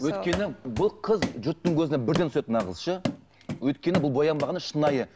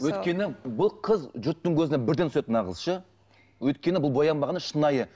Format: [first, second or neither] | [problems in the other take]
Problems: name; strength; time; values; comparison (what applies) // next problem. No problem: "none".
second | background sound (Run); 9 dB below the speech